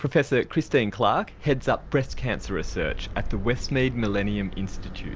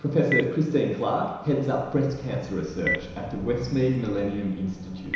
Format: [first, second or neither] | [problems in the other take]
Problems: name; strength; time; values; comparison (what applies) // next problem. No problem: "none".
first | background sound (Telephone); 11 dB below the speech // room echo; dies away in 1 s